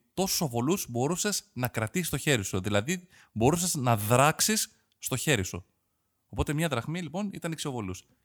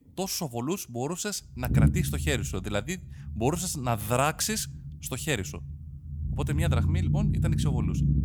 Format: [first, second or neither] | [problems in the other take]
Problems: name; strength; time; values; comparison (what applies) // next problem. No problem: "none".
first | low rumble; loud; throughout; 6 dB below the speech